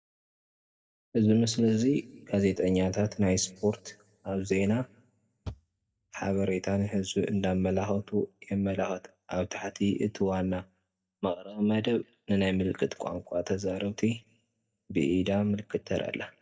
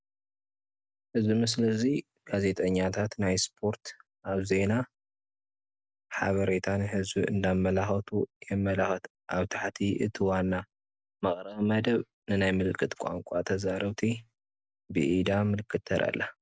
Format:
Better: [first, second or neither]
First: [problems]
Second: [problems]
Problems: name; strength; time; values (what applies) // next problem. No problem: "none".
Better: second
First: noise reduction (neural mask model DeepFilterNet 3)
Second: none